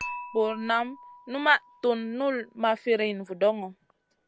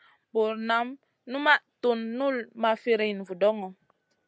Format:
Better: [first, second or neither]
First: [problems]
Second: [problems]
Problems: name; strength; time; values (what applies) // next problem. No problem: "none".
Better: second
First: background sound (Dishes, pots, and pans / Chink, clink); 17 dB below the speech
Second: none